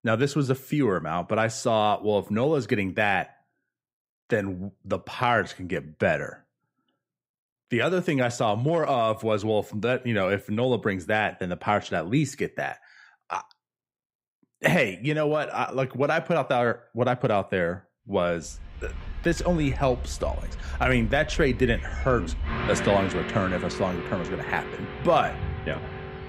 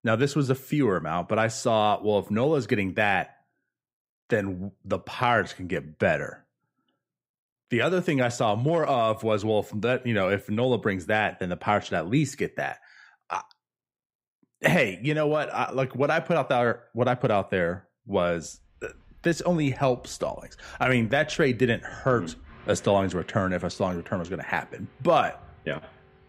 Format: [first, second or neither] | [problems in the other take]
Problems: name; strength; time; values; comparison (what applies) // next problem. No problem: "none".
second | traffic noise; loud; from 19 s on; 8 dB below the speech; faint in the second